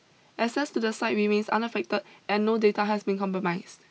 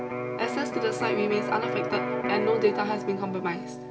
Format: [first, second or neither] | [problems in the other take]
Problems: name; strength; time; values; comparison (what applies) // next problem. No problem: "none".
first | background sound (Electric guitar); 2 dB below the speech // room echo; dies away in 0.5 s